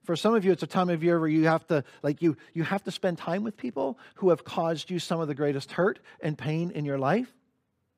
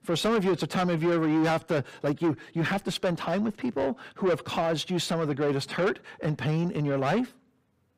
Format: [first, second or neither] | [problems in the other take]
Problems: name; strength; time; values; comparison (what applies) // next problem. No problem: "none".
first | distortion; heavy; 8 dB below the speech